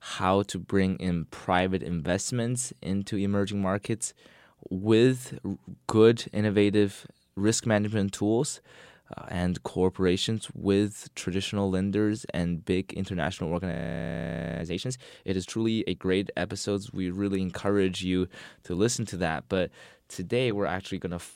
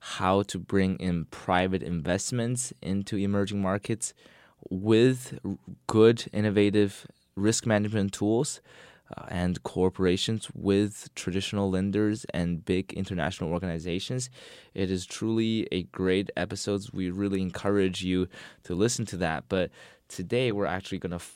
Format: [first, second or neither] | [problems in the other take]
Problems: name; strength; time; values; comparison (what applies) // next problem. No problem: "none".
second | audio freezing; at 14 s for 1 s